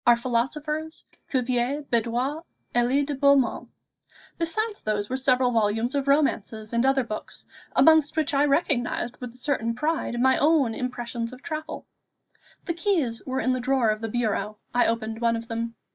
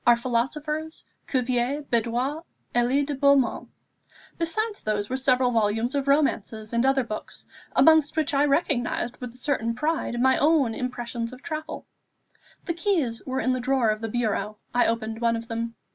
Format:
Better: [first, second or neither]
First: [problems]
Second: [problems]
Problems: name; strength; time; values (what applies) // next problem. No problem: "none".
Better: second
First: noise reduction (neural mask model DeepFilterNet 3)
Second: none